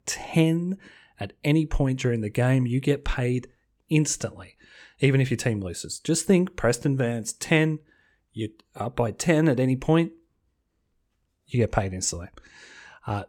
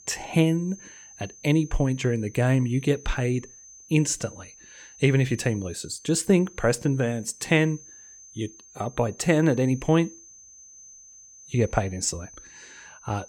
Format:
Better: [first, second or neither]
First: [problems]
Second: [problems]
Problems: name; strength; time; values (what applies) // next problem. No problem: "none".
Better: first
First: none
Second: high-pitched whine; faint; throughout; 6 kHz, 20 dB below the speech